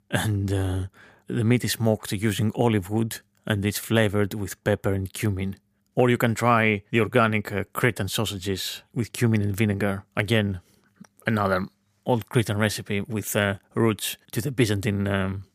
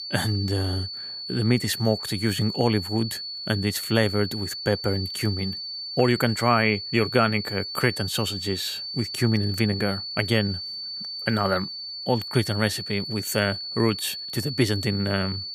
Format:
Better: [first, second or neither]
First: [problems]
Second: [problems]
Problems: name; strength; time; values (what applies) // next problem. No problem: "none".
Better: first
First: none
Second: high-pitched whine; loud; throughout; 4.5 kHz, 6 dB below the speech